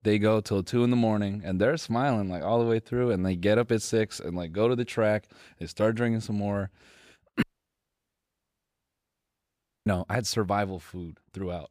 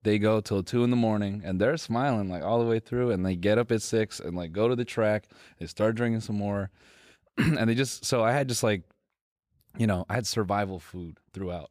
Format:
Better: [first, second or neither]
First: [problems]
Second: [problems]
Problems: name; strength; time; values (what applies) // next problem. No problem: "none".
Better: second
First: audio cutting out; at 7.5 s for 2.5 s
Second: none